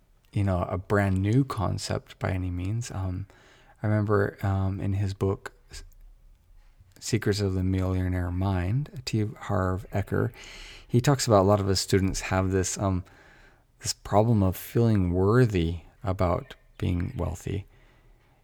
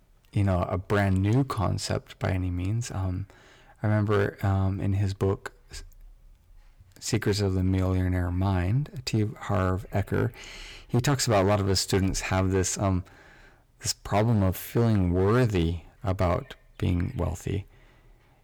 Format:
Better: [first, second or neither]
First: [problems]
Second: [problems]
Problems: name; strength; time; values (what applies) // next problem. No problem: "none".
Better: first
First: none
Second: distortion; slight; 5% of the sound clipped